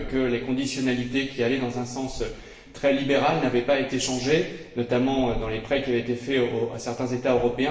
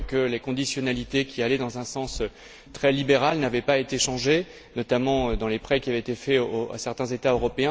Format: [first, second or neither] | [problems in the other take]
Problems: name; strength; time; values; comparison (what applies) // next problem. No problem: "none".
second | room echo; dies away in 0.8 s